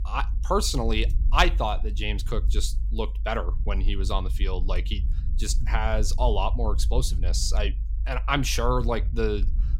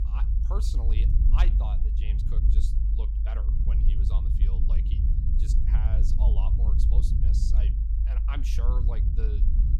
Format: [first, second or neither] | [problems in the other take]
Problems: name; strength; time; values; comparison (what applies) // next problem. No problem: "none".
first | low rumble; loud; throughout; 1 dB below the speech; faint in the first